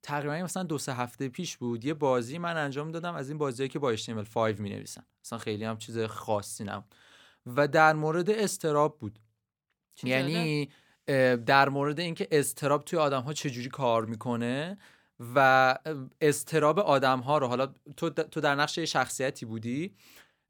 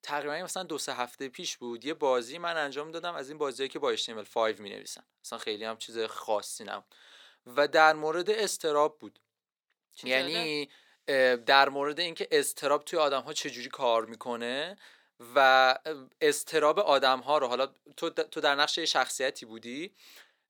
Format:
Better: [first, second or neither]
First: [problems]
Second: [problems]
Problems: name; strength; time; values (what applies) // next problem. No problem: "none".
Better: first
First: none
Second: thin; somewhat; fading below 450 Hz